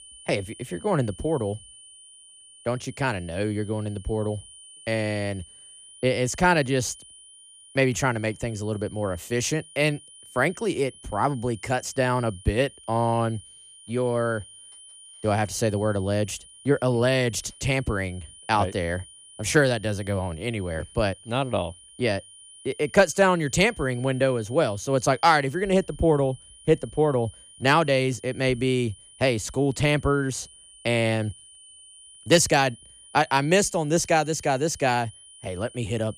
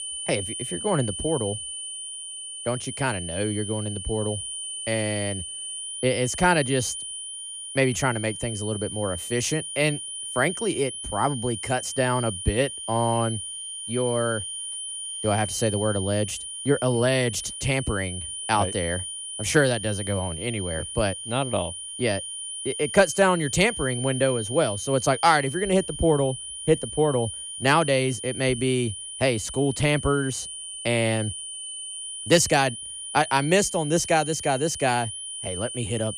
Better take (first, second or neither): first